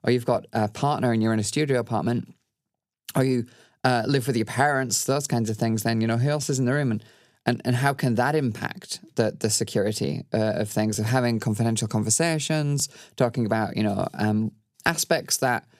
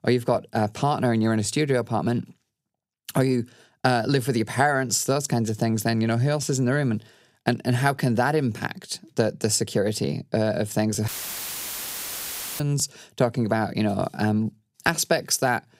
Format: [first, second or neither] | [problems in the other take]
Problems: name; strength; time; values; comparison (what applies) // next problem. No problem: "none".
first | audio cutting out; filled with static; at 11 s for 1.5 s